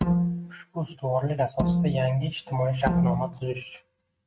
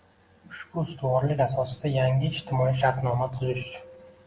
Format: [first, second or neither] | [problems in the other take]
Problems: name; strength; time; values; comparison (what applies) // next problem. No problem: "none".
second | noise reduction (neural mask model RNNoise)